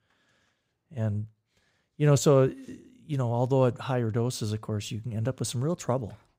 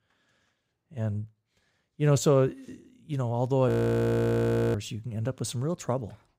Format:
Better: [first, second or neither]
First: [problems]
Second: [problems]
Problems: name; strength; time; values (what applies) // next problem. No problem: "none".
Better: first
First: none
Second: audio freezing; at 3.5 s for 1 s